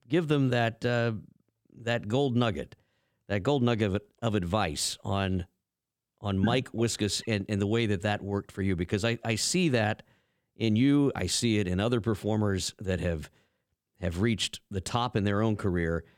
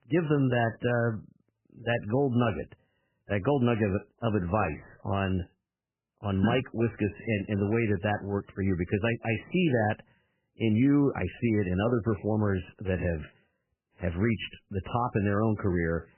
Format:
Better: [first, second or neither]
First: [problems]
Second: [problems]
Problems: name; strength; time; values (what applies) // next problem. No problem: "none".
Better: first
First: none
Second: garbled, watery; badly; nothing above 3 kHz